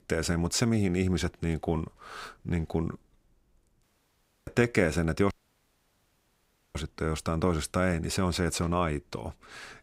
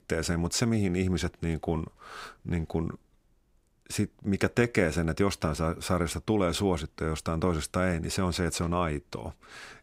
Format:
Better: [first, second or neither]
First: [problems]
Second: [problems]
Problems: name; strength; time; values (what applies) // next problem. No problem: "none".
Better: second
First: audio cutting out; at 4 s for 0.5 s and at 5.5 s for 1.5 s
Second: none